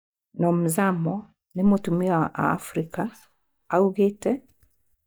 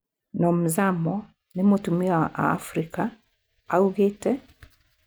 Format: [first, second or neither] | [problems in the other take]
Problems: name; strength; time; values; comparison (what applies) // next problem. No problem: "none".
second | noise reduction (neural mask model DeepFilterNet 3)